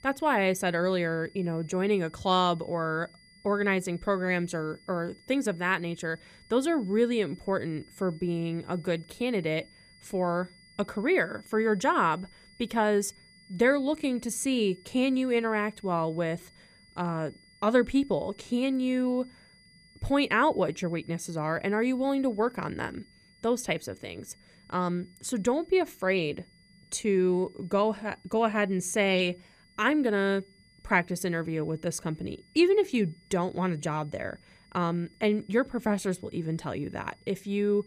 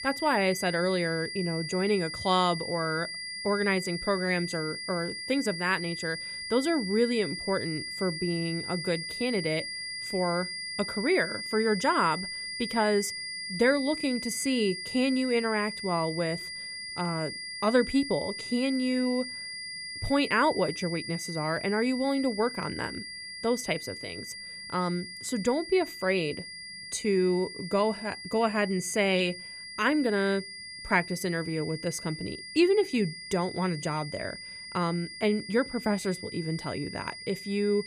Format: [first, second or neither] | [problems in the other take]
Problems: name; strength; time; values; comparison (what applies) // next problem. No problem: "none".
first | high-pitched whine; loud; throughout; 2 kHz, 7 dB below the speech; faint in the first